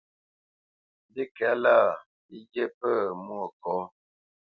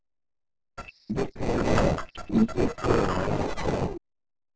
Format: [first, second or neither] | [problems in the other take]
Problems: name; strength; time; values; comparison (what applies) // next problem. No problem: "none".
first | noise reduction (neural separator model SepFormer DNS4)